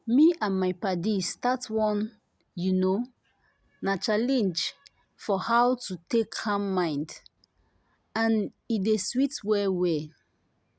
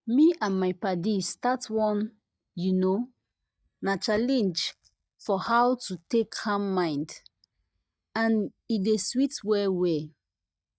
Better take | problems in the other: first | noise reduction (neural mask model DeepFilterNet 3)

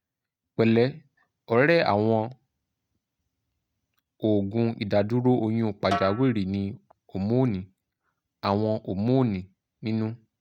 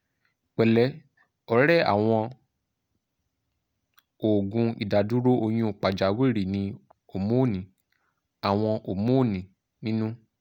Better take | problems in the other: second | noise reduction (neural mask model RNNoise)

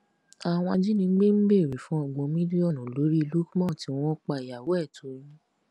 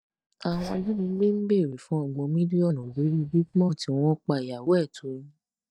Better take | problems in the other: first | noise reduction (neural mask model DeepFilterNet 3)

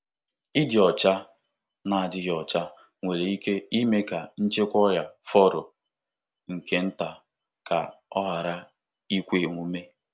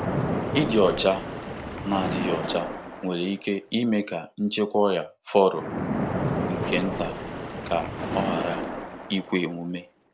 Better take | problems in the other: first | background sound (Splash, splatter); 4 dB below the speech

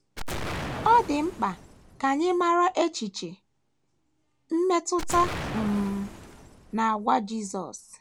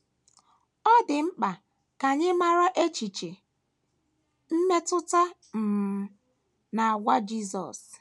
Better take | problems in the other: second | background sound (Explosion); 11 dB below the speech

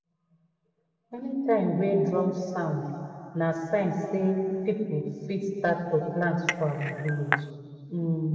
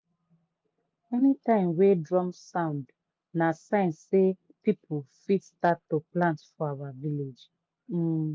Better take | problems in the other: second | background sound (Cutlery, silverware / Dishes, pots, and pans / Chink, clink); 4 dB below the speech // room echo; dies away in 2.4 s

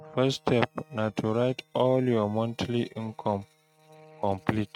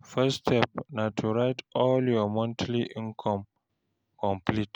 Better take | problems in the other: second | noise reduction (neural mask model RNNoise)

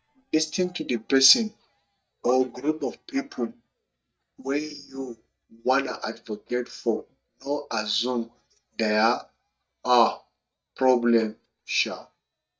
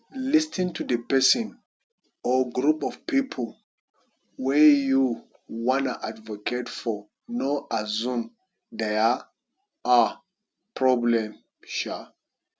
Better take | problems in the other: second | noise reduction (neural mask model DeepFilterNet 3)

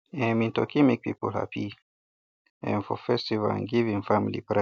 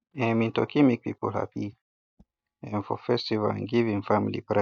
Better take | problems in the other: first | noise reduction (neural mask model DeepFilterNet 3)

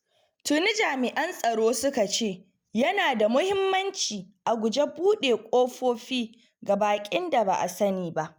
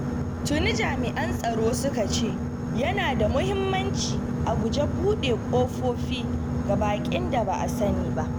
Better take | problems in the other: first | background sound (Boat, Water vehicle); 1 dB above the speech

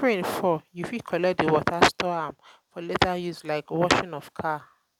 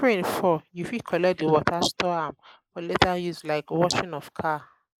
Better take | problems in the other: first | noise reduction (neural mask model Resemble Enhance denoiser)

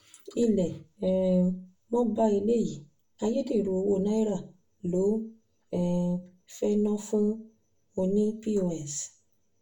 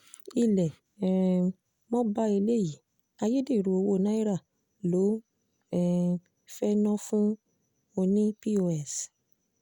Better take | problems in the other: second | room echo; dies away in 0.3 s

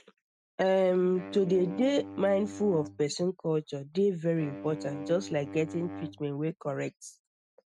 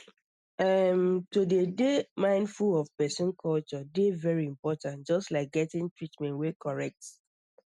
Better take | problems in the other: second | noise reduction (neural mask model RNNoise)

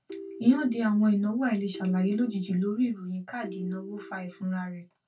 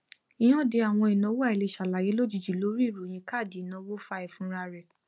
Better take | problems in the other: second | background sound (Ringtone); 17 dB below the speech // room echo; dies away in 0.1 s

